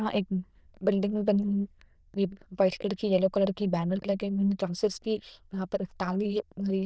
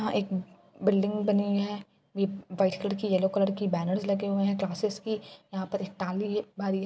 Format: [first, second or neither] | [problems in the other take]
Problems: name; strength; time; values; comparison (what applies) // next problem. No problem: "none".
second | noise reduction (neural diffusion model UNIVERSE++)